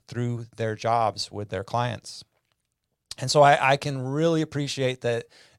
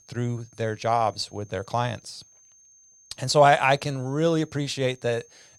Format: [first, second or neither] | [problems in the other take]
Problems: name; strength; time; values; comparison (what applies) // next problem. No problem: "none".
first | high-pitched whine; faint; throughout; 6.5 kHz, 30 dB below the speech